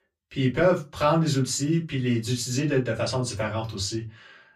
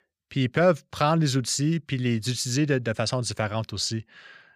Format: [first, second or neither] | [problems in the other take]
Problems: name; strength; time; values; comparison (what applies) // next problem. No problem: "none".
second | off-mic speech; far // room echo; very slight; dies away in 0.2 s